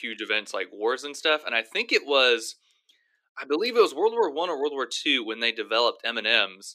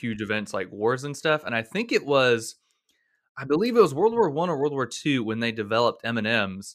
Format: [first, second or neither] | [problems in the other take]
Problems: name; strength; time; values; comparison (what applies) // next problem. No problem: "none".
second | thin; somewhat; fading below 300 Hz